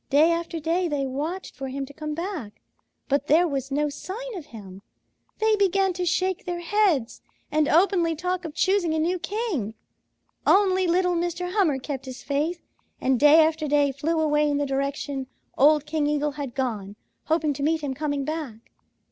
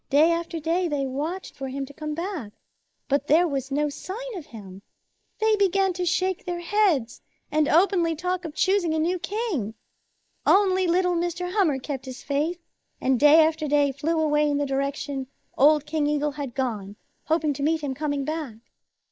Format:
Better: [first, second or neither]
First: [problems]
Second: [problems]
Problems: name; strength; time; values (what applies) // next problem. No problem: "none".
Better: first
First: none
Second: noise reduction (neural mask model Resemble Enhance denoiser)